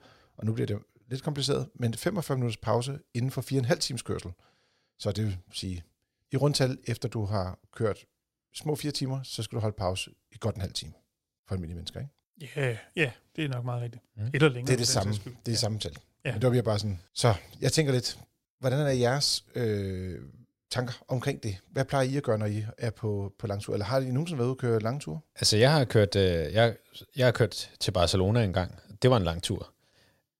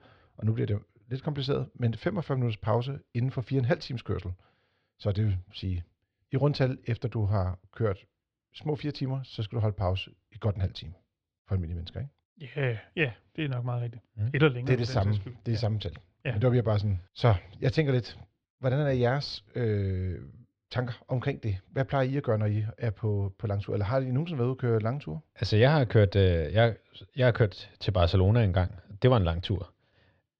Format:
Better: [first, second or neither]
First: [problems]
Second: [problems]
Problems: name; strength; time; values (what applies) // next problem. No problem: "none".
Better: first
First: none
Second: muffled; slightly; fading above 3.5 kHz